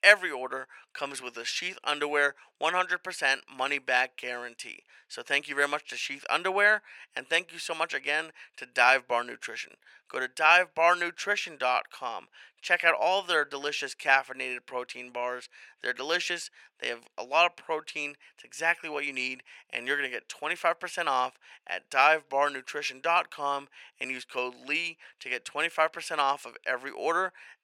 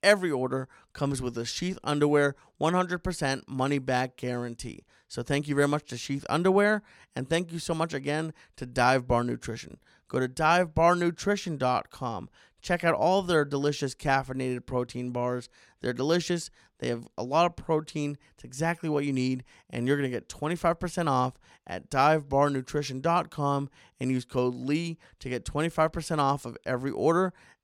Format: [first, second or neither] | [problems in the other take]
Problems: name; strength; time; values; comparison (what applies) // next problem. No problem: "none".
second | thin; very; fading below 650 Hz